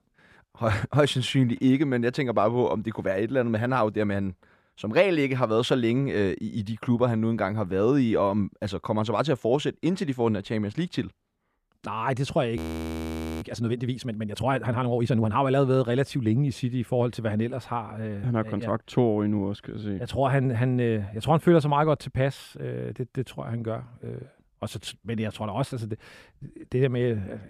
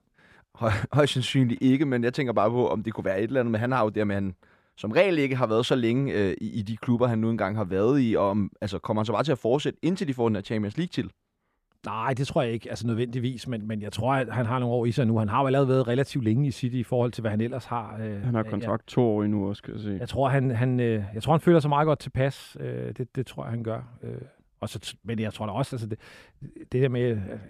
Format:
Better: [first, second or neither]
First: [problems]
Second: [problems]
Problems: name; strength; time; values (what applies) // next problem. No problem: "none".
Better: second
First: audio freezing; at 13 s for 1 s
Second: none